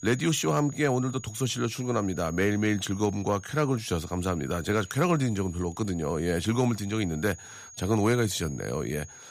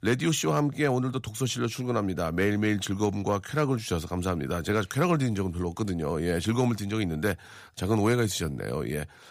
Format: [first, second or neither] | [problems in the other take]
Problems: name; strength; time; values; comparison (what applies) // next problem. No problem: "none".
second | high-pitched whine; noticeable; throughout; 6.5 kHz, 20 dB below the speech